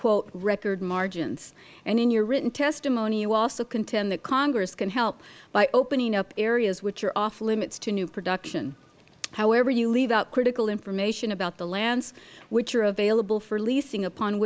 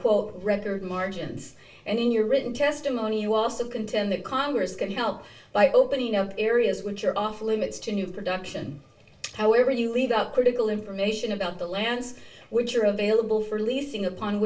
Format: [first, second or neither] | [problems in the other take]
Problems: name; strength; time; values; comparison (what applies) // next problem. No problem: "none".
first | room echo; dies away in 0.3 s